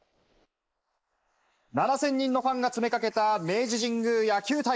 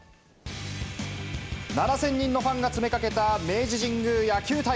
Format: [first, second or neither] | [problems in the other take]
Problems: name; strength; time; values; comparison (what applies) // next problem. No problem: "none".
second | noise reduction (neural mask model Resemble Enhance denoiser)